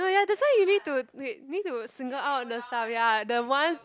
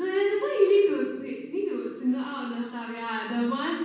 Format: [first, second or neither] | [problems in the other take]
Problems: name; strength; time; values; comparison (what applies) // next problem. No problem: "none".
first | room echo; dies away in 1.2 s